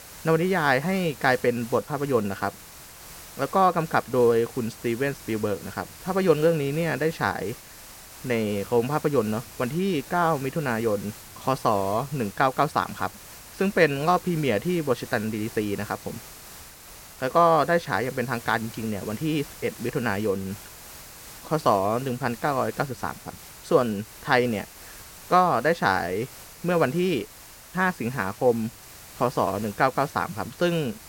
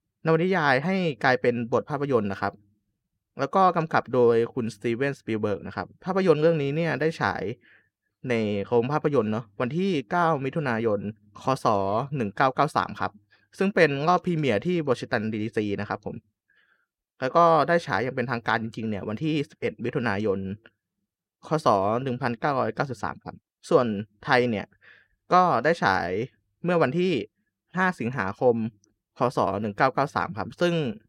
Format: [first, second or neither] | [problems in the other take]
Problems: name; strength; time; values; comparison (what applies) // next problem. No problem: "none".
second | hiss; noticeable; throughout; 15 dB below the speech